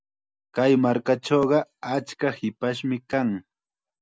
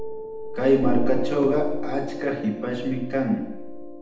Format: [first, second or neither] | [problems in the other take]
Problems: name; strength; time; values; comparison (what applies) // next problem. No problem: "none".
first | background sound (Piano); 1 dB below the speech // room echo; dies away in 0.8 s